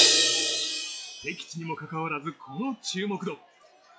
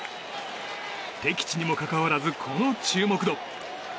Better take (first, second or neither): second